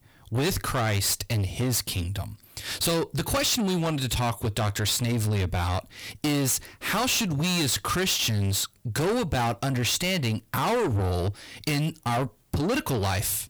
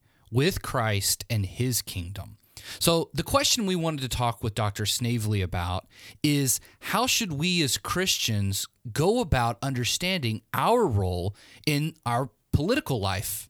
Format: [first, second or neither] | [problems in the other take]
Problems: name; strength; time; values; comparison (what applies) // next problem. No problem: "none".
second | distortion; heavy; 6 dB below the speech